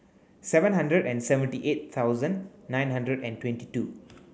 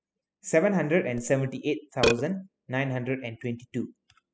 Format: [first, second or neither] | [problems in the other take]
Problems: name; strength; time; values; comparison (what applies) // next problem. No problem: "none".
first | noise reduction (classical method spectral subtraction)